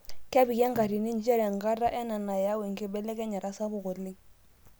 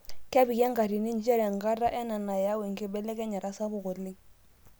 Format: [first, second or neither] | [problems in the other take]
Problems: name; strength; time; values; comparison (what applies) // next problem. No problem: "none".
second | background sound (Percussion); 18 dB below the speech